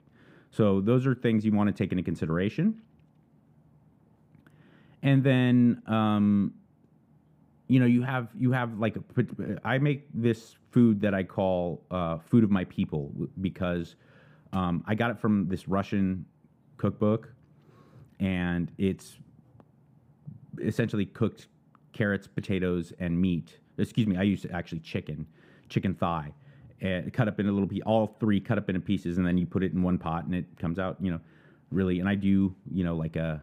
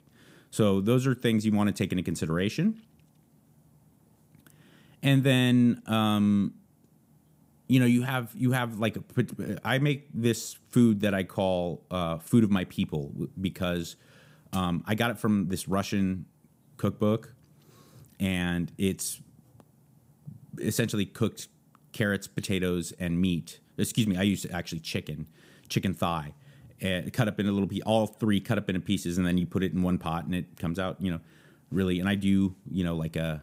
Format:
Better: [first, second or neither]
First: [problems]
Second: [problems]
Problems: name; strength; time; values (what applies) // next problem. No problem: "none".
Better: second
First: muffled; slightly; fading above 3.5 kHz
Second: none